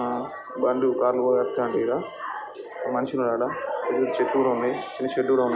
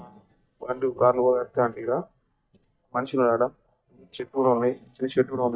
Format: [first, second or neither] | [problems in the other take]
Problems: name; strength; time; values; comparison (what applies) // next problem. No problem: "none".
first | noise reduction (neural mask model DeepFilterNet 3)